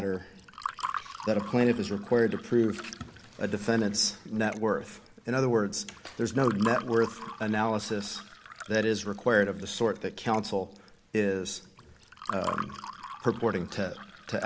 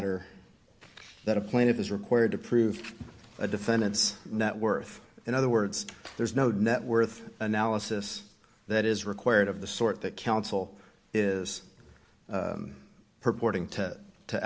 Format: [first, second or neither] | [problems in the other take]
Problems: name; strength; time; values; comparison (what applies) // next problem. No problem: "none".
second | background sound (Fill (with liquid) / Water); 13 dB below the speech